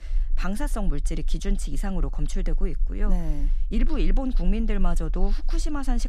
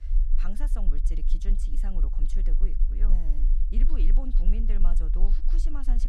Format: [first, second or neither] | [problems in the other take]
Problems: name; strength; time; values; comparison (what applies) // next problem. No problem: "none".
first | low rumble; loud; throughout; 8 dB below the speech; faint in the first